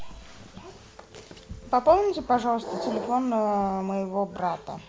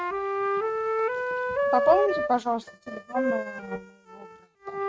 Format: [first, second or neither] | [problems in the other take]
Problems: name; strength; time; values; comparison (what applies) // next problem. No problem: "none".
first | noise reduction (neural mask model RNNoise)